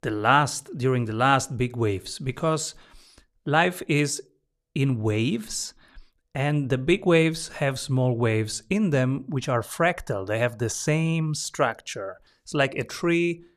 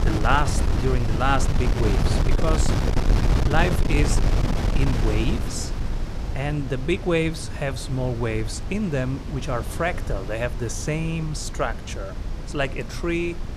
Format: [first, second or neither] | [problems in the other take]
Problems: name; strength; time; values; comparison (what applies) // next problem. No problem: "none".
first | wind noise on the microphone; heavy; 6 dB below the speech